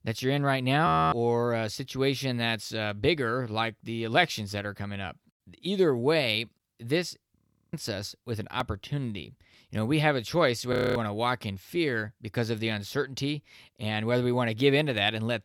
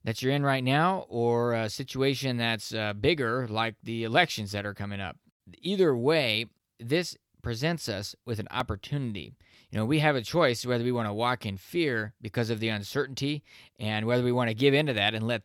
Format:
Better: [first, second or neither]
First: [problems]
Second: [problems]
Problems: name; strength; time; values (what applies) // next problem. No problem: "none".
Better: second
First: audio freezing; at 1 s, at 7.5 s and at 11 s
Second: none